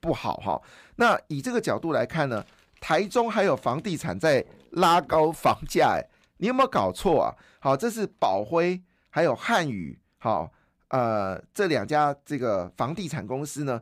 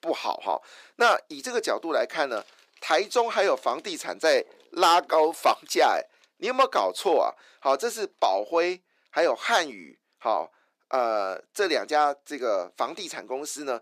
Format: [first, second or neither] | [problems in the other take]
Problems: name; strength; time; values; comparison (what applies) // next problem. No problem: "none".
first | thin; somewhat; fading below 350 Hz